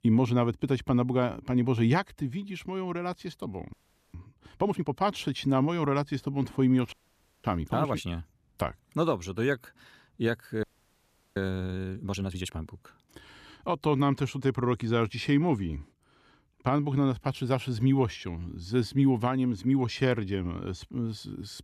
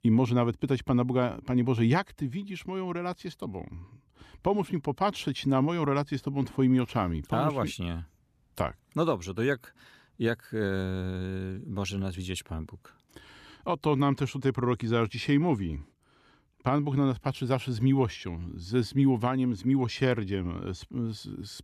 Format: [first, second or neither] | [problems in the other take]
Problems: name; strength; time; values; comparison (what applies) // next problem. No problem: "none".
second | audio freezing; at 3.5 s, at 7 s for 0.5 s and at 11 s for 0.5 s